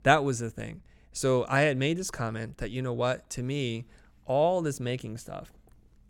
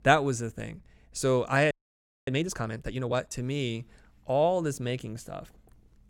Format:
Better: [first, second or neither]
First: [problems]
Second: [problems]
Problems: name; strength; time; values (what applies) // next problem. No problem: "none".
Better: first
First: none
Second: audio freezing; at 1.5 s for 0.5 s